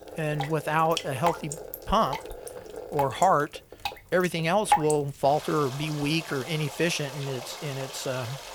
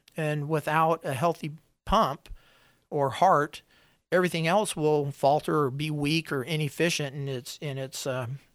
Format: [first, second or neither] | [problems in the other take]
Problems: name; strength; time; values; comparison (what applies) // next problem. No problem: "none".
second | rain or running water; loud; throughout; 8 dB below the speech